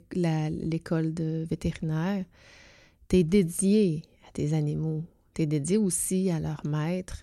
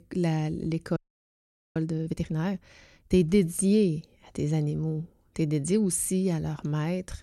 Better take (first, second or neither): first